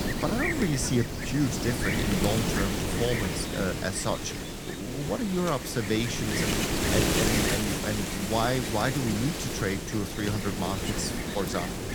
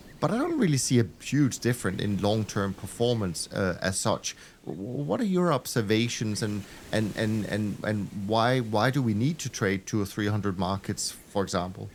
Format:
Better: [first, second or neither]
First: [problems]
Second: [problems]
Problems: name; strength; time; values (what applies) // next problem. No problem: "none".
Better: second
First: wind noise on the microphone; heavy; 1 dB above the speech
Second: wind noise on the microphone; occasional gusts; 20 dB below the speech